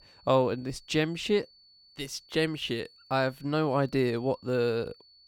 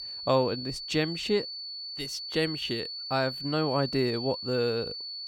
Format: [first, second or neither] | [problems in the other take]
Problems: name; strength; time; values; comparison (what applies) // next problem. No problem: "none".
first | high-pitched whine; loud; throughout; 4.5 kHz, 6 dB below the speech; faint in the first